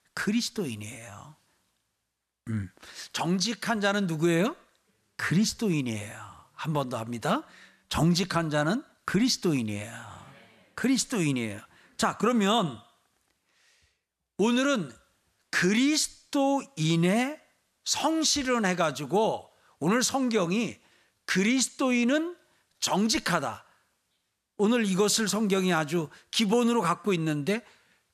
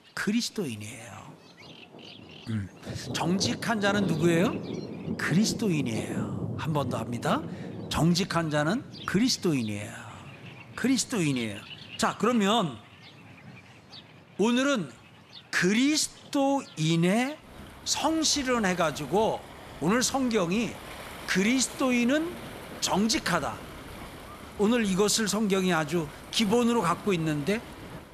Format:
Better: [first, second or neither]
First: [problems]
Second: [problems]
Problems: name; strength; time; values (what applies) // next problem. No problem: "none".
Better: first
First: none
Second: rain or running water; noticeable; throughout; 15 dB below the speech